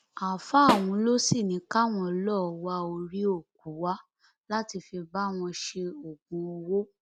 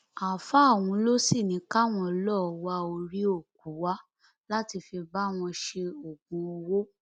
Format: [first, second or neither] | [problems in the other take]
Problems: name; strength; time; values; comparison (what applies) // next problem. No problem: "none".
second | background sound (Snare drum); 3 dB below the speech